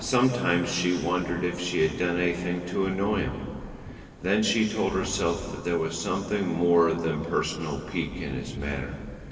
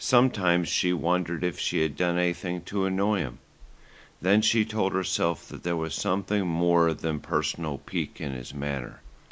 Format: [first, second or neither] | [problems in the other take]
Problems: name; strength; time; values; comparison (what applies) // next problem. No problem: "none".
second | background sound (Thunder); 14 dB below the speech // room echo; dies away in 2.3 s